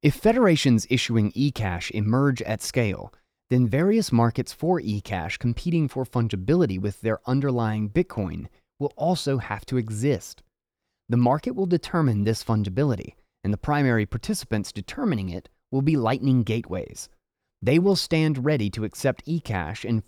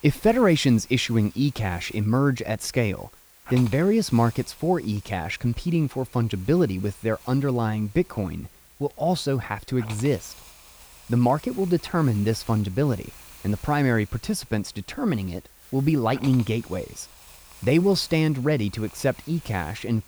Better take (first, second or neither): first